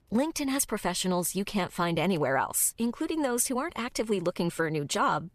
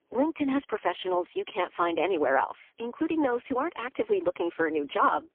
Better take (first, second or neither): first